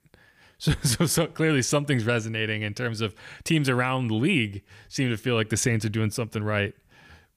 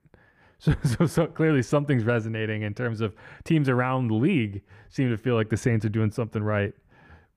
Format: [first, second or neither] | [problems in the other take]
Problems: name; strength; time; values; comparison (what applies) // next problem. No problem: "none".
first | muffled; slightly; fading above 2.5 kHz